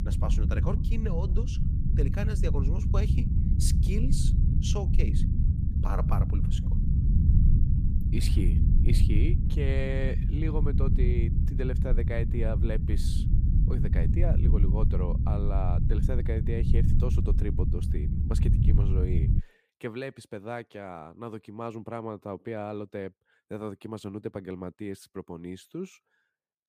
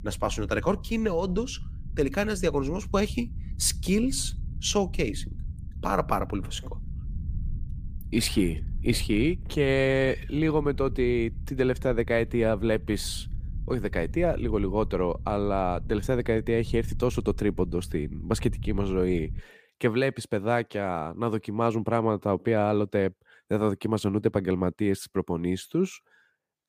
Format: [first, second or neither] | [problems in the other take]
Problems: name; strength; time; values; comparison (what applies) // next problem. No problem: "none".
second | low rumble; loud; until 19 s; 3 dB below the speech; faint in the second